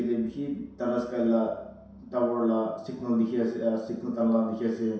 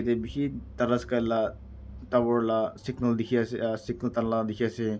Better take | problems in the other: second | room echo; dies away in 0.7 s

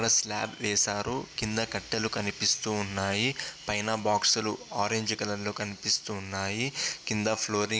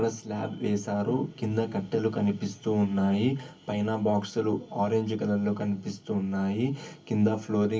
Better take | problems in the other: first | room echo; dies away in 0.3 s

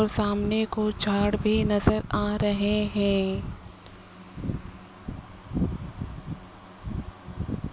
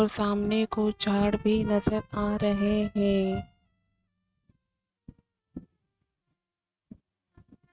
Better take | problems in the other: first | noise reduction (neural mask model RNNoise)

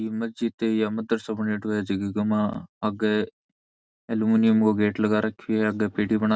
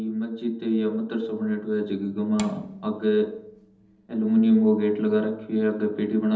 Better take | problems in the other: first | background sound (Bowed string instrument); 20 dB below the speech // room echo; dies away in 1.2 s

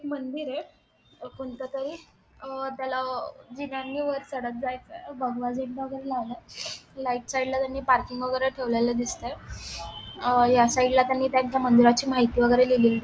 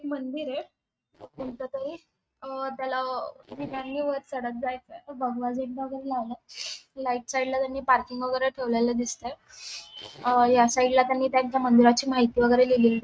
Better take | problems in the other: first | noise reduction (neural mask model RNNoise)

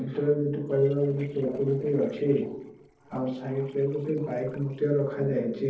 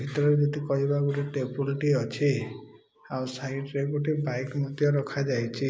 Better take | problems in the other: second | noise reduction (neural separator model SepFormer DNS4)

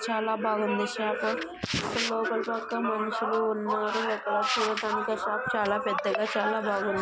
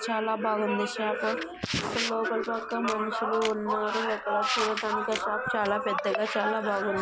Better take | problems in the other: first | background sound (Camera); 15 dB below the speech

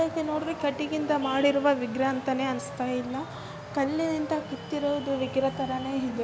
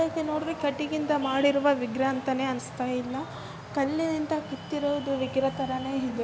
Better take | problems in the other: second | background sound (Wind instrument, woodwind instrument); 18 dB below the speech

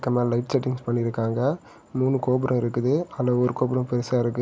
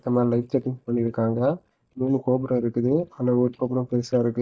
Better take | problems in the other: first | noise reduction (neural mask model DeepFilterNet 3)

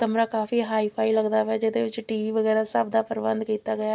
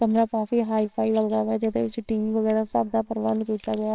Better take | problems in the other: first | noise reduction (neural separator model SepFormer WHAMR!)

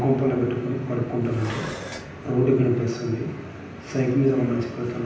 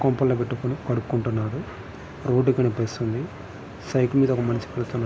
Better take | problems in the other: second | background sound (Dishes, pots, and pans); 15 dB below the speech // room echo; dies away in 0.9 s

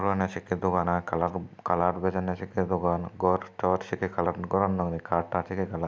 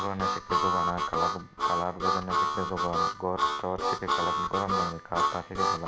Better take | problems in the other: first | background sound (Harmonica); 5 dB above the speech

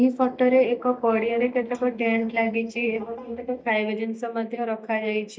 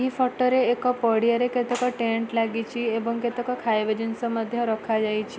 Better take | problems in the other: second | noise reduction (neural mask model DeepFilterNet 3)

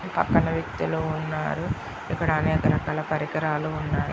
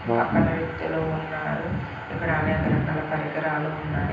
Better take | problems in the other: first | background sound (Brass instrument); 7 dB below the speech // room echo; dies away in 0.9 s

